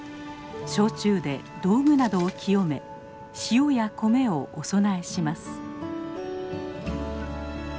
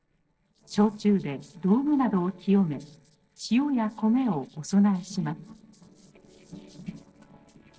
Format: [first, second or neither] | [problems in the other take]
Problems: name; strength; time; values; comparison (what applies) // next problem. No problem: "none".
first | noise reduction (neural separator model SepFormer DNS4)